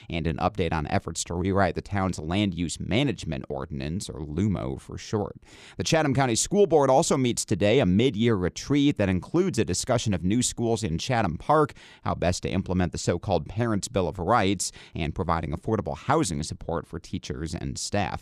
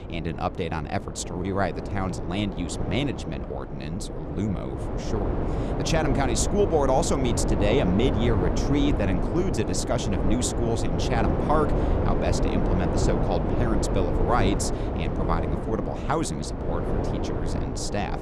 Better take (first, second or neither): first